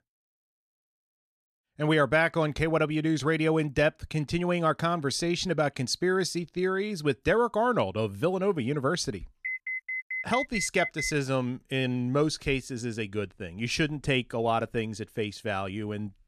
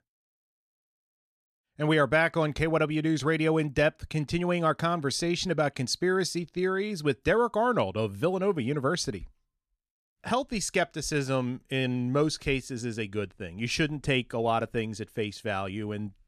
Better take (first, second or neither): second